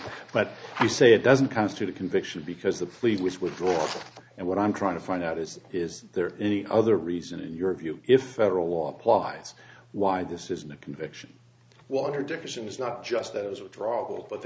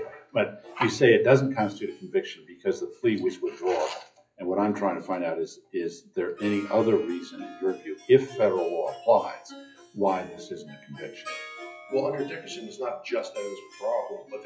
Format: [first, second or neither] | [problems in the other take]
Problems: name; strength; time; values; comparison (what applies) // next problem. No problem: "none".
first | noise reduction (classical method WPE with log-MMSE)